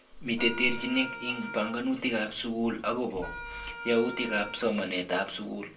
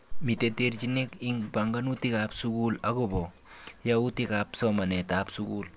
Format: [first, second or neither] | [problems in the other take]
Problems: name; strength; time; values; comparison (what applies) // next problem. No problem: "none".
second | background sound (Wind instrument, woodwind instrument); 11 dB below the speech // room echo; dies away in 0.2 s